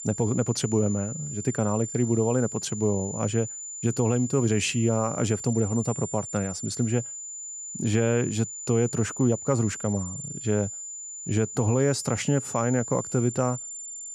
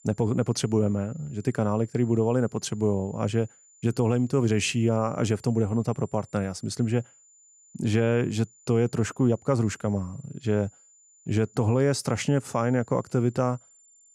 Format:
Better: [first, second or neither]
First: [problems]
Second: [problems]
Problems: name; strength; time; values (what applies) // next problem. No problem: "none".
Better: second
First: high-pitched whine; loud; throughout; 7 kHz, 8 dB below the speech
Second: high-pitched whine; faint; throughout; 7 kHz, 30 dB below the speech